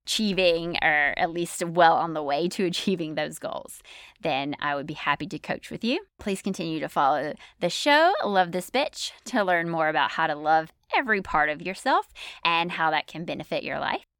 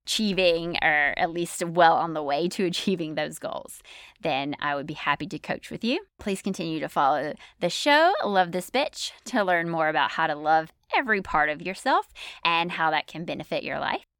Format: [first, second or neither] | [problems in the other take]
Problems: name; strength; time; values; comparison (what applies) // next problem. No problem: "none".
neither | none